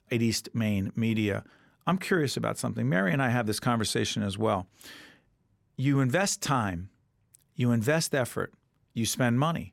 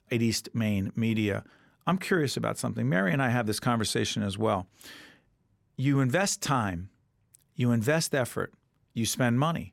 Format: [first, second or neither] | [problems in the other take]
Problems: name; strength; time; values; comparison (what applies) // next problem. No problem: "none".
neither | none